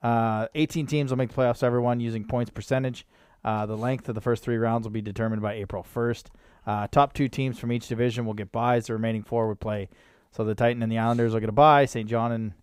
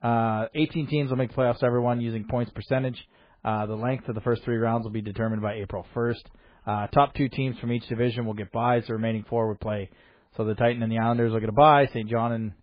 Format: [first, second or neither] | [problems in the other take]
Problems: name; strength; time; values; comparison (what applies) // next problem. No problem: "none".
first | garbled, watery; badly